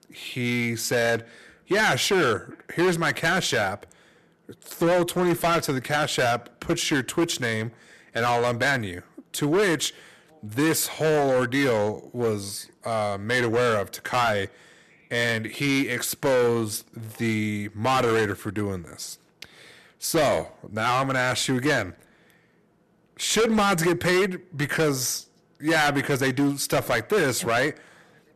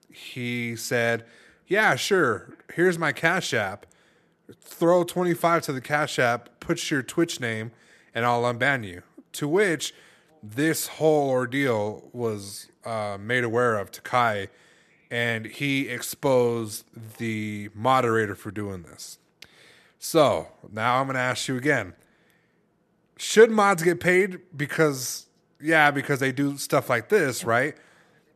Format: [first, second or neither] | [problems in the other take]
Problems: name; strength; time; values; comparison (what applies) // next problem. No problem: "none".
second | distortion; heavy; 11% of the sound clipped